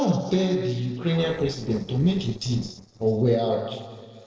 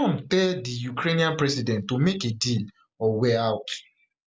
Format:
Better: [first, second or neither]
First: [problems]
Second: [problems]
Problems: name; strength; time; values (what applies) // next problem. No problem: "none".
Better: second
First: noise reduction (neural separator model SepFormer DNS4)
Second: none